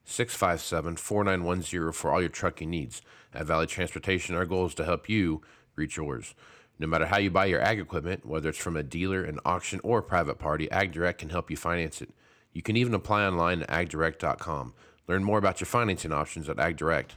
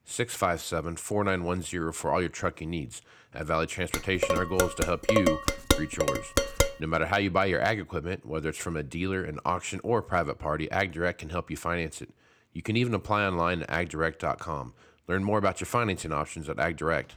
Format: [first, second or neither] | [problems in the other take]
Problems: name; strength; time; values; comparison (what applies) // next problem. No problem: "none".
first | clattering dishes; loud; from 4 to 6.5 s; peak 4 dB above the speech